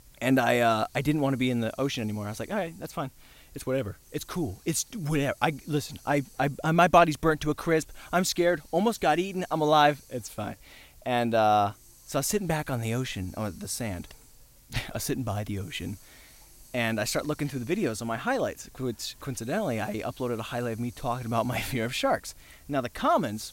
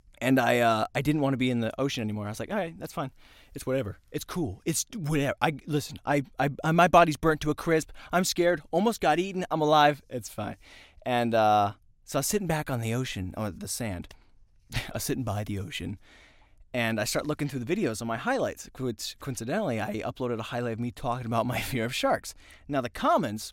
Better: second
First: hiss; faint; throughout; 25 dB below the speech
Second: none

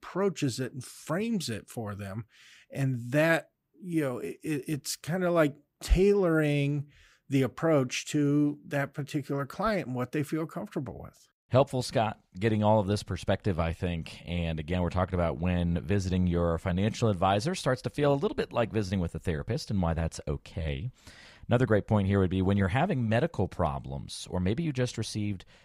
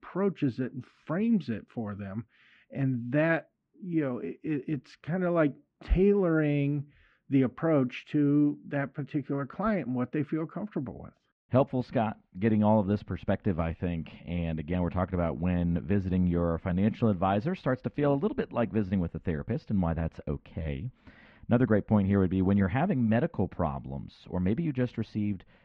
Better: first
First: none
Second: muffled; very; fading above 2.5 kHz

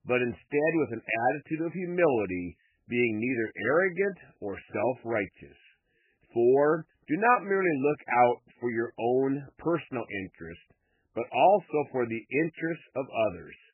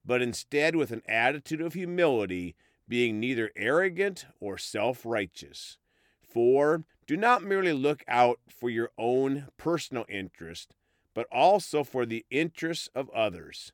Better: second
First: garbled, watery; badly; nothing above 3 kHz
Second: none

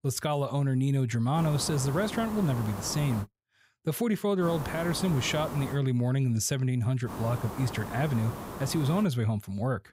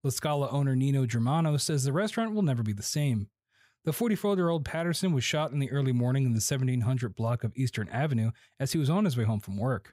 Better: second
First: hiss; noticeable; from 1.5 to 3 s, from 4.5 to 6 s and from 7 to 9 s; 10 dB below the speech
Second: none

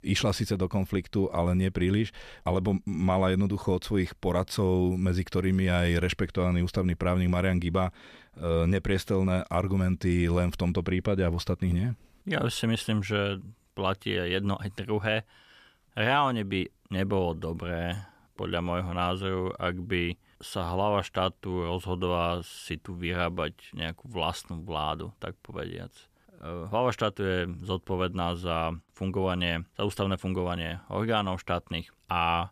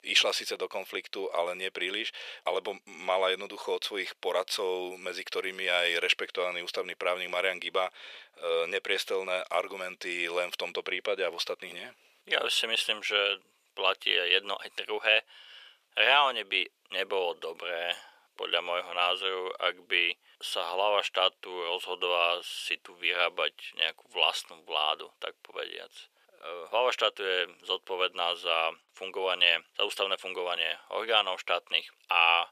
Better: first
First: none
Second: thin; very; fading below 500 Hz

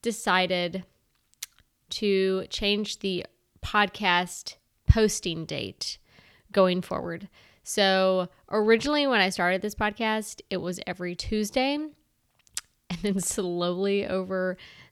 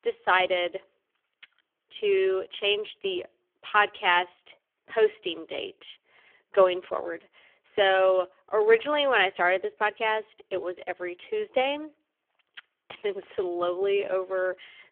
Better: first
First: none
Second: phone-call audio; poor line; nothing above 3.5 kHz

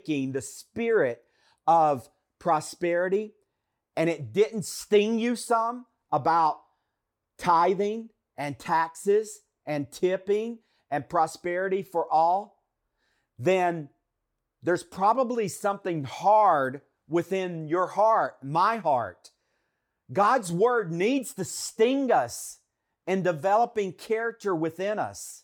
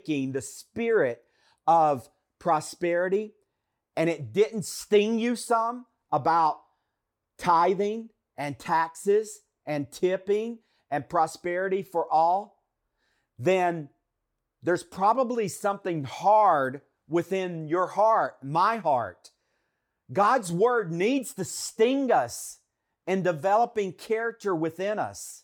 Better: neither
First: none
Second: none

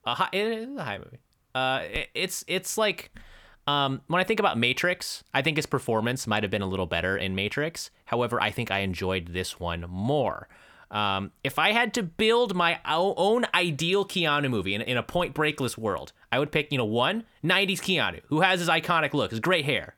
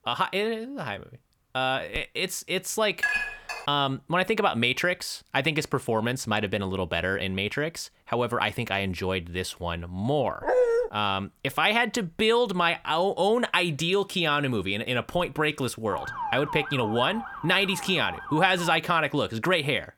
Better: first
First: none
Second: clattering dishes; loud; at 3 s; peak level with the speech // dog barking; loud; at 10 s; peak 3 dB above the speech // siren; noticeable; from 16 to 19 s; peak 7 dB below the speech

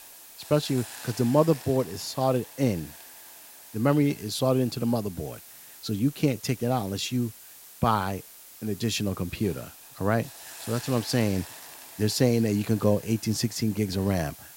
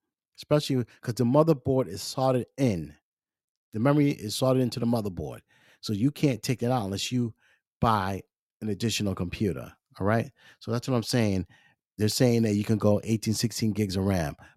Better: second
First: hiss; noticeable; throughout; 15 dB below the speech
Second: none

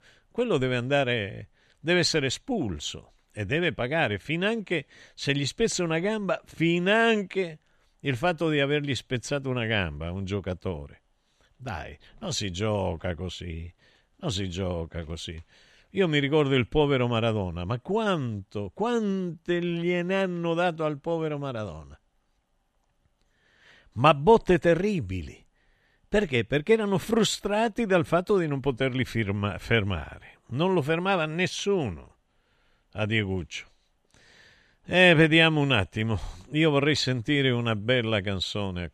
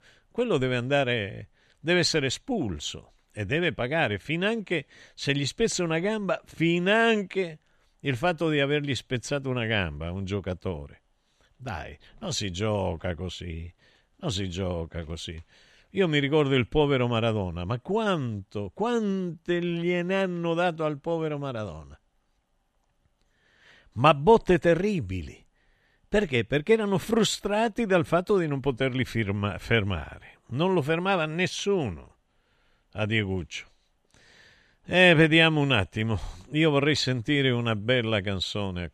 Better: neither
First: none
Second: none

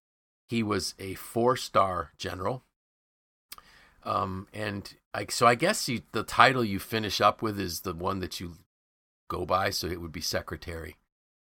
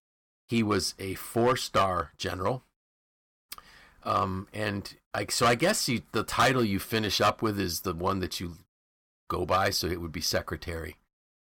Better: first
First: none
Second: distortion; heavy; 2% of the sound clipped

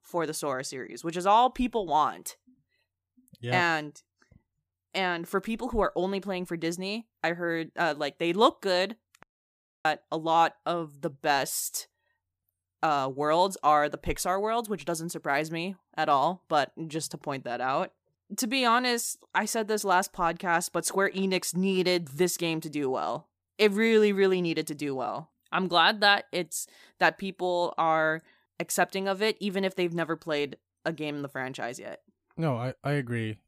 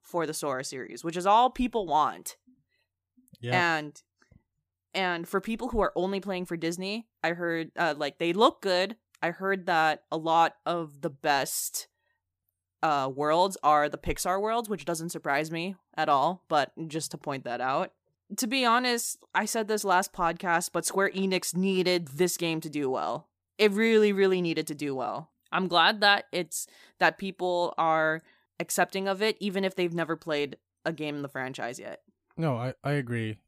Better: second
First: audio cutting out; at 9 s for 0.5 s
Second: none

